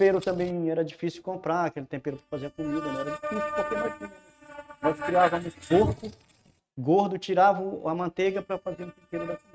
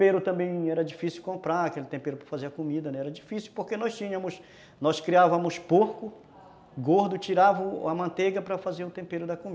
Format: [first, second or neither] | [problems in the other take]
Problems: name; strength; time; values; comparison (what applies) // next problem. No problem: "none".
second | noise reduction (neural mask model RNNoise)